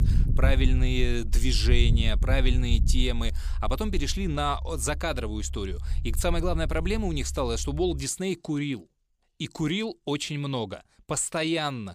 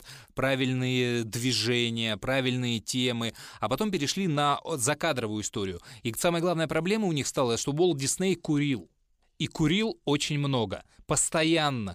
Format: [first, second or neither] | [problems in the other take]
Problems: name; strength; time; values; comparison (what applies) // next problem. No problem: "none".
second | low rumble; noticeable; until 8 s; 15 dB below the speech